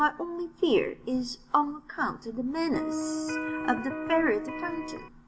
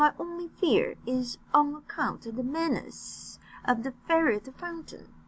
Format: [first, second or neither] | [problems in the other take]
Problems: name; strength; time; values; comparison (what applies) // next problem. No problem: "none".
second | background sound (Electric guitar); 4 dB below the speech // room echo; dies away in 0.4 s